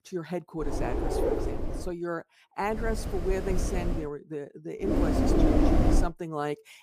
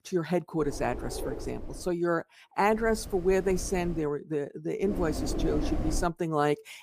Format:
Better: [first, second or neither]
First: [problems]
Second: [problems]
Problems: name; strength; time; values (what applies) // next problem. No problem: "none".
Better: second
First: wind noise on the microphone; heavy; from 0.5 to 2 s, from 2.5 to 4 s and from 5 to 6 s; 3 dB above the speech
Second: wind noise on the microphone; occasional gusts; from 0.5 to 2 s, from 2.5 to 4 s and from 5 to 6 s; 10 dB below the speech